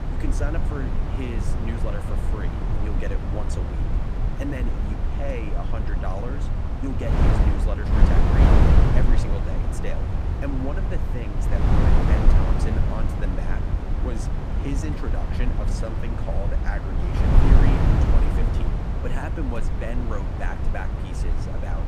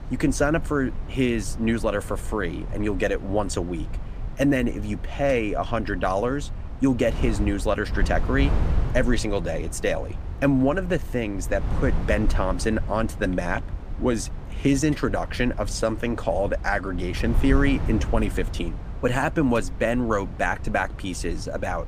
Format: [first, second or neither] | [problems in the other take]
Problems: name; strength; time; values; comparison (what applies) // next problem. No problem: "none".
second | wind noise on the microphone; heavy; 3 dB above the speech; occasional gusts in the second